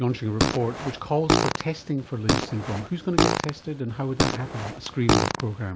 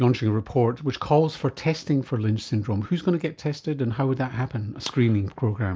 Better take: second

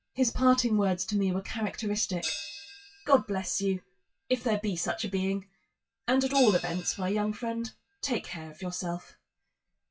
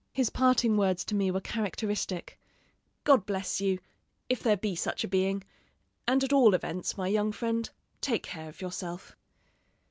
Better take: second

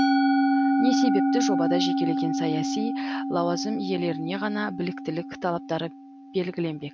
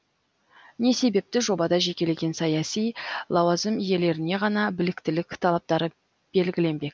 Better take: second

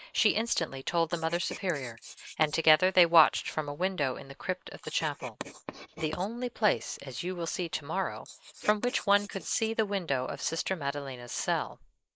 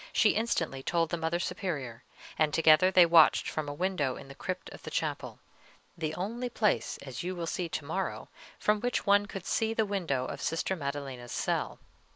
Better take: second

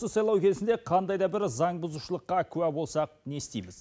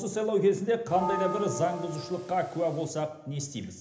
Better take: first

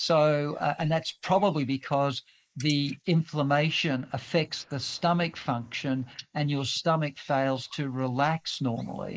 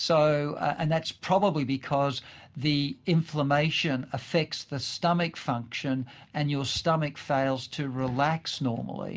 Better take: second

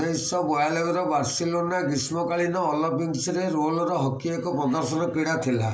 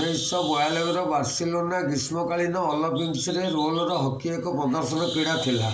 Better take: first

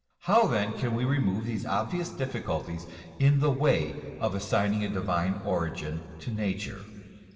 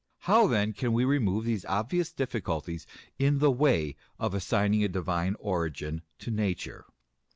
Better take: second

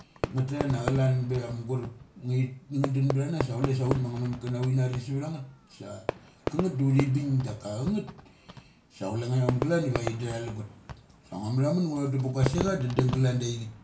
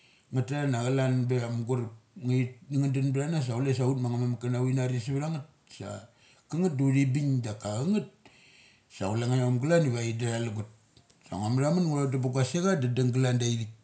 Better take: second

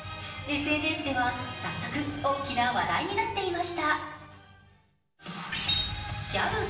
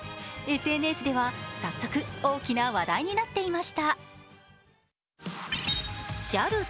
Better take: second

